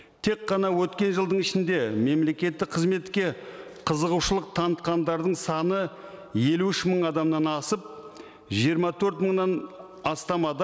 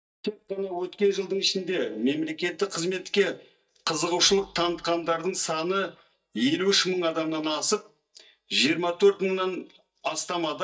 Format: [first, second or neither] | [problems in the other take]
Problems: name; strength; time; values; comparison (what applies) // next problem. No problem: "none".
first | noise reduction (neural mask model DeepFilterNet 3)